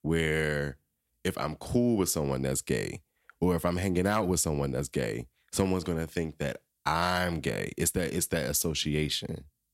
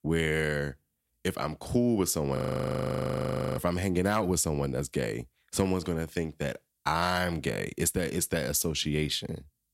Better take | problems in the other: first | audio freezing; at 2.5 s for 1 s

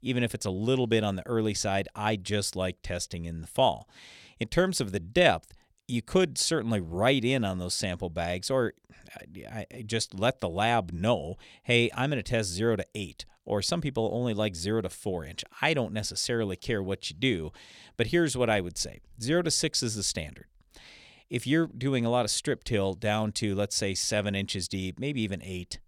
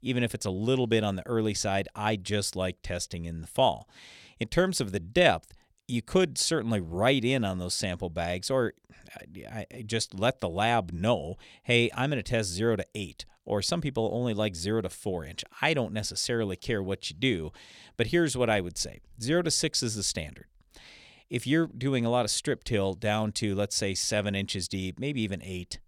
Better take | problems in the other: neither | none

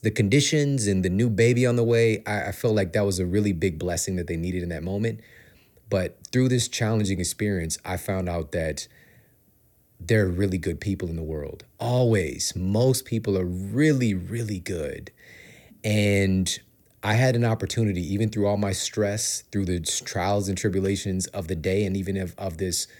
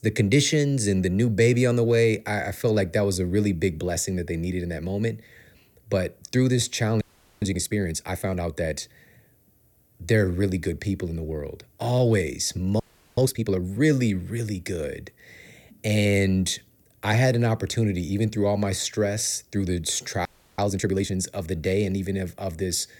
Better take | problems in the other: first | audio freezing; at 7 s, at 13 s and at 20 s

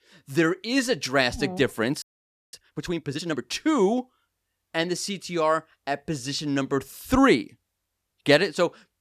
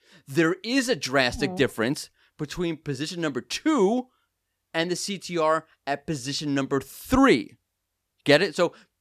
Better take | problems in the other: second | audio freezing; at 2 s for 0.5 s

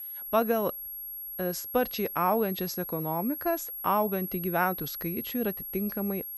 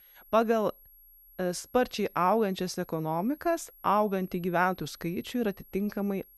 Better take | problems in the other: second | high-pitched whine; loud; throughout; 11.5 kHz, 5 dB below the speech; faint in the second

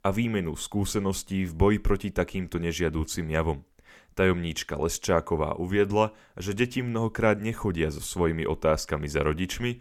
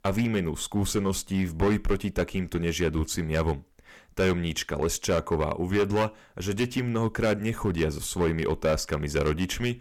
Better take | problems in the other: first | distortion; slight; 7% of the sound clipped

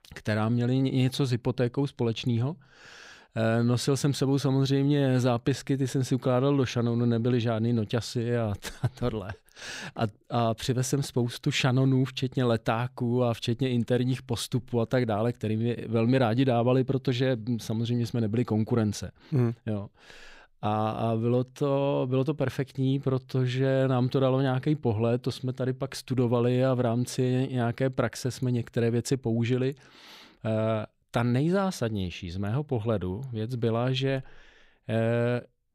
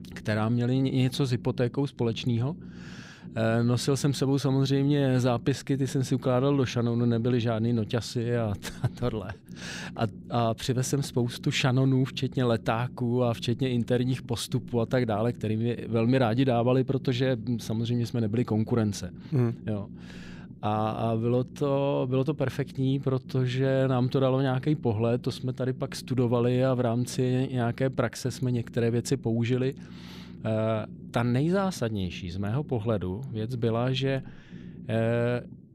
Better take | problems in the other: first | low rumble; faint; throughout; 20 dB below the speech

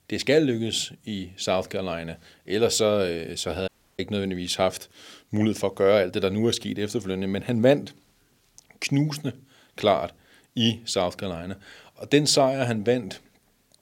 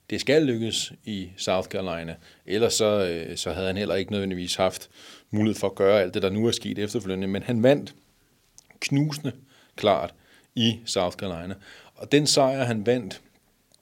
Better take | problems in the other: second | audio cutting out; at 3.5 s

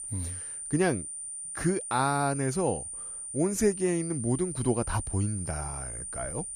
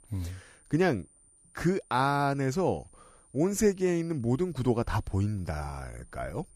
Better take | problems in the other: second | high-pitched whine; loud; throughout; 9 kHz, 6 dB below the speech; faint in the second

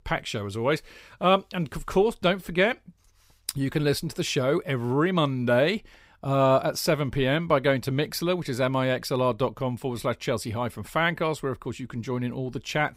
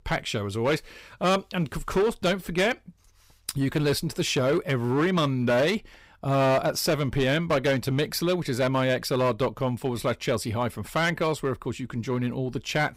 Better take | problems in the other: first | distortion; slight; 8% of the sound clipped

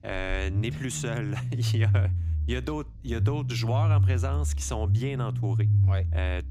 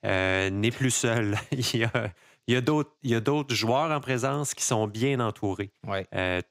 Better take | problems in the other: second | low rumble; loud; throughout; 6 dB below the speech

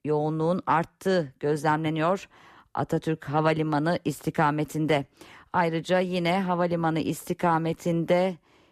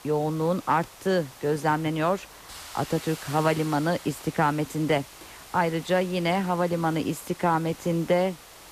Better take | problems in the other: first | hiss; noticeable; throughout; 15 dB below the speech

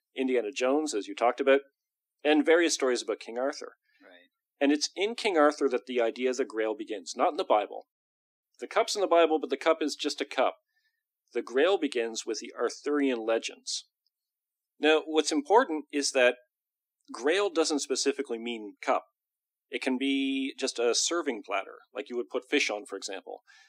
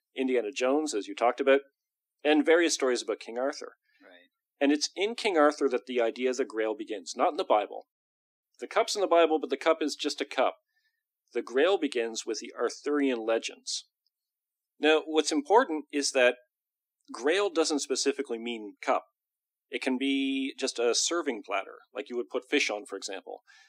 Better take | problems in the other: neither | thin; very slightly; fading below 300 Hz; the same in both

